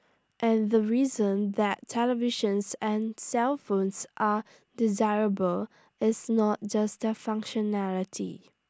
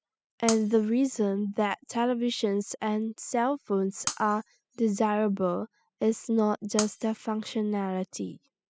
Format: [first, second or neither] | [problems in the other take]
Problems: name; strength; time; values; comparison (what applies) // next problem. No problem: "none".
first | noise reduction (classical method spectral subtraction)